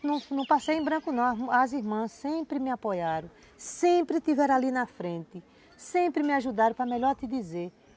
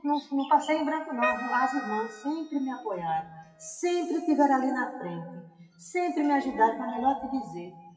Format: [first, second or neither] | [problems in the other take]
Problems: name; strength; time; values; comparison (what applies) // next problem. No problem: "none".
first | noise reduction (classical method WPE with log-MMSE)